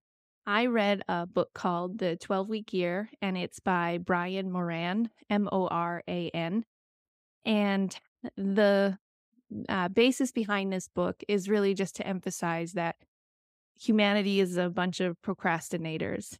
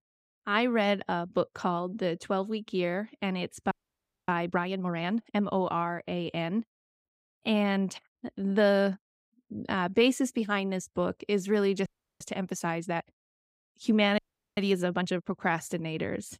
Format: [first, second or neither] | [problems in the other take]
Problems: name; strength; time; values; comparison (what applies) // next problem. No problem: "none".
first | audio freezing; at 3.5 s for 0.5 s, at 12 s and at 14 s